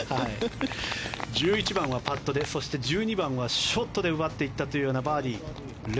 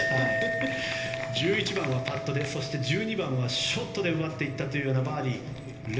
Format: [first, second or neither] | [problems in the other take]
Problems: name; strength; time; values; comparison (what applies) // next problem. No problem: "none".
first | background sound (Chink, clink); 6 dB below the speech // room echo; dies away in 1.4 s